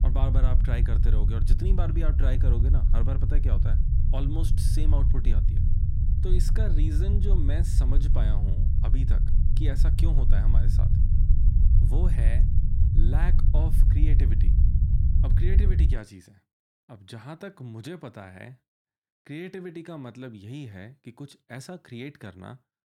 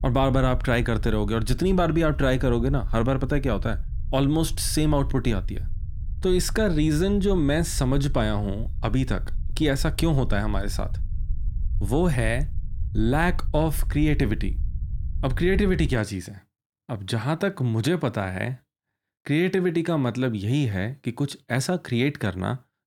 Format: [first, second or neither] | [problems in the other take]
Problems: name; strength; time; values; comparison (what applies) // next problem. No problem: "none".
second | low rumble; loud; until 16 s; 1 dB below the speech; faint in the second